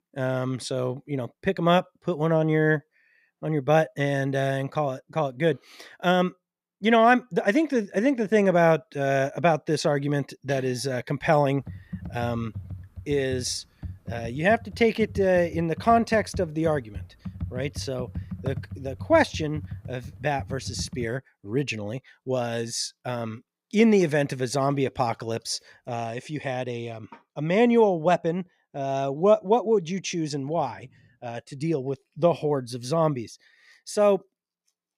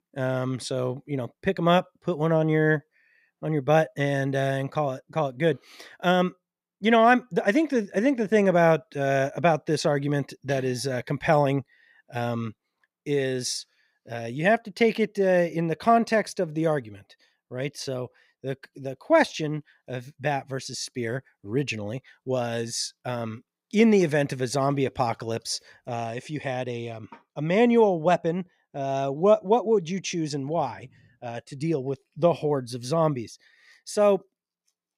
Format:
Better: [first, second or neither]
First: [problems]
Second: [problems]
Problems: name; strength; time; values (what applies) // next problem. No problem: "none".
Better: second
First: keyboard typing; noticeable; from 12 to 21 s; peak 9 dB below the speech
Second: none